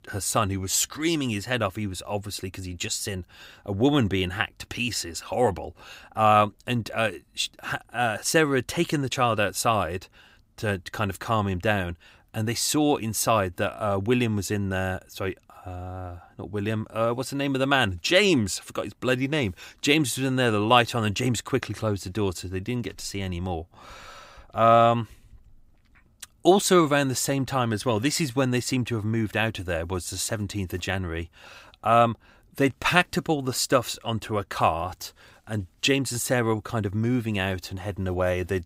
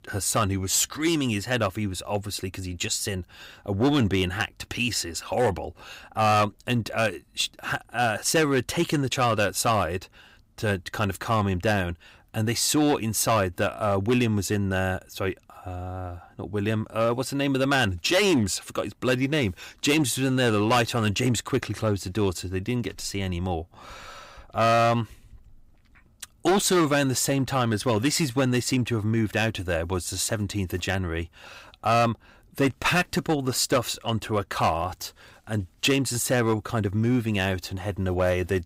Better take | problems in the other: first | distortion; slight; 4% of the sound clipped

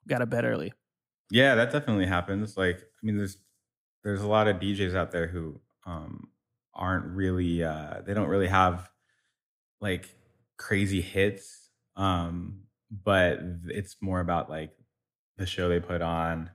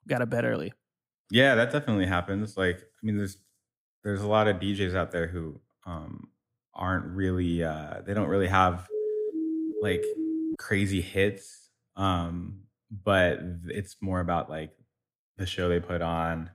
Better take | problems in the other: first | siren; noticeable; from 9 to 11 s; peak 2 dB below the speech

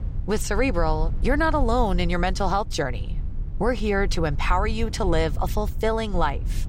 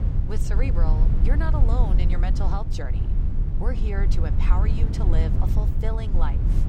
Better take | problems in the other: first | low rumble; loud; throughout; 4 dB below the speech; faint in the first

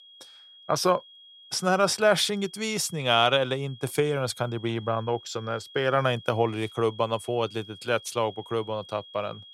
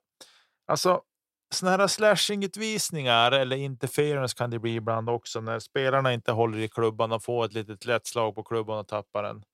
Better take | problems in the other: second | high-pitched whine; faint; throughout; 3.5 kHz, 20 dB below the speech

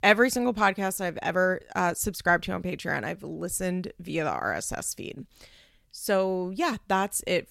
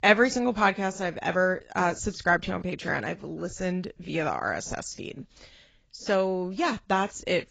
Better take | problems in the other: first | garbled, watery; badly; nothing above 7.5 kHz

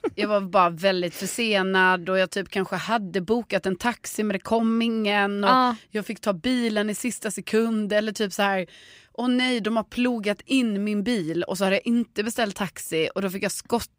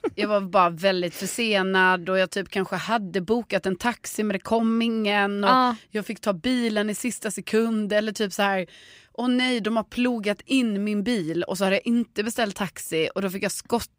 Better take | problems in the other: neither | none

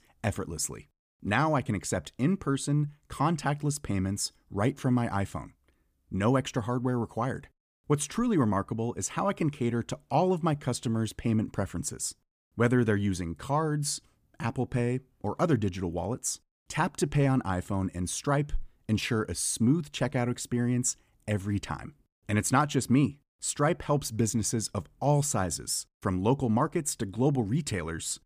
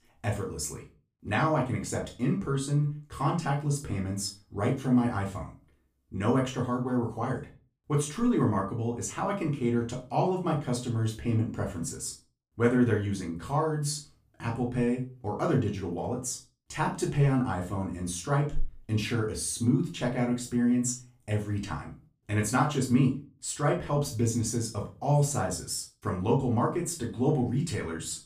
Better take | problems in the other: first | off-mic speech; far // room echo; slight; dies away in 0.3 s

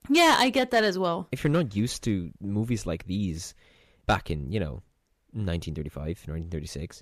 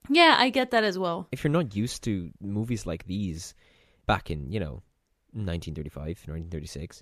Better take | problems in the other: second | distortion; slight; 1.7% of the sound clipped

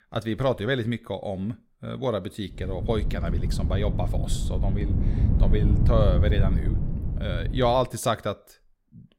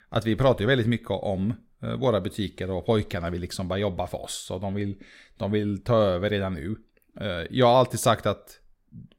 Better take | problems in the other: second | wind noise on the microphone; heavy; from 2.5 to 8 s; 10 dB below the speech

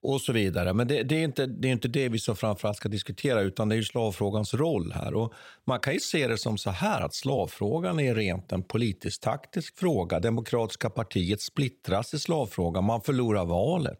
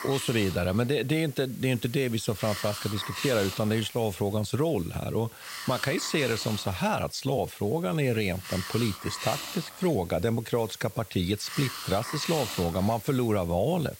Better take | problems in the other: first | hiss; noticeable; throughout; 10 dB below the speech

